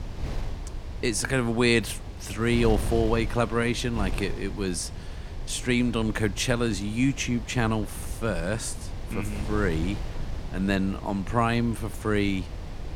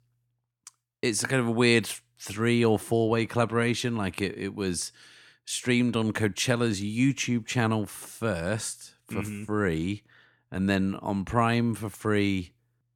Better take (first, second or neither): second